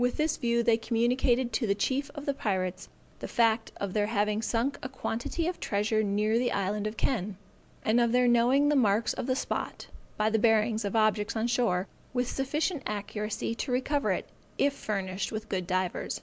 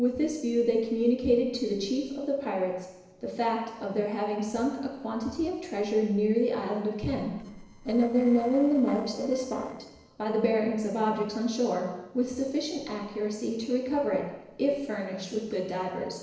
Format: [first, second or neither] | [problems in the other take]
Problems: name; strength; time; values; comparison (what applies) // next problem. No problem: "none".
first | noise reduction (neural separator model SepFormer DNS4)